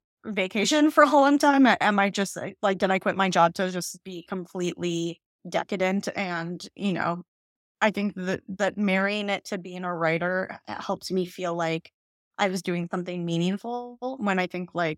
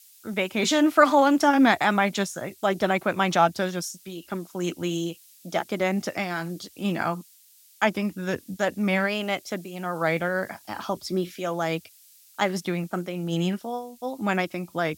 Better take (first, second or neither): first